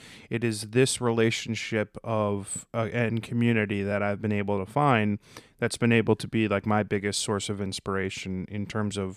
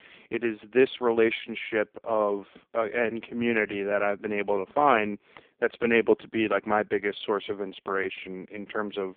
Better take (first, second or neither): first